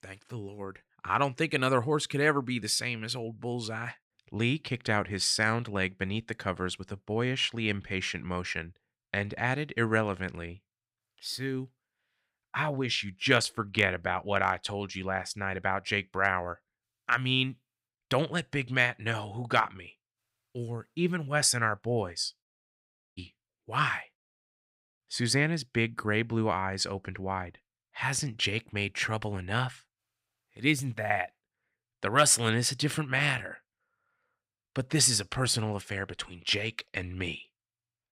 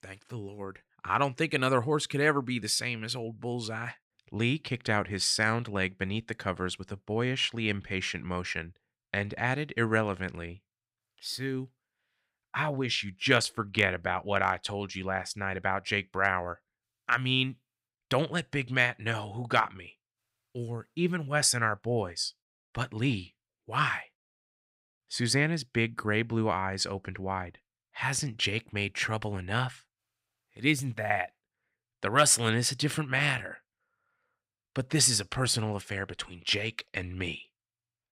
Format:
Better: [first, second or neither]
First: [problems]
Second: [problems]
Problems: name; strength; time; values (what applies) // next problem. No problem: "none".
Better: second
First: audio cutting out; at 23 s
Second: none